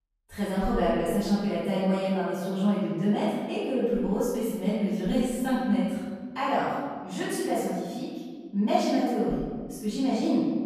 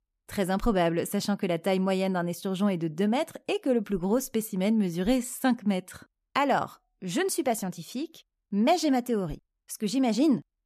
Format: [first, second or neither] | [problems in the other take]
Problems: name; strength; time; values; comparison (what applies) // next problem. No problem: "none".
second | off-mic speech; far // room echo; strong; dies away in 1.5 s